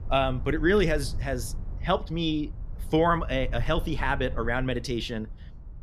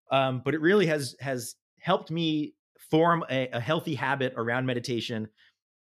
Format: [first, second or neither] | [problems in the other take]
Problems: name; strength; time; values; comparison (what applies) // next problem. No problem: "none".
second | low rumble; faint; throughout; 25 dB below the speech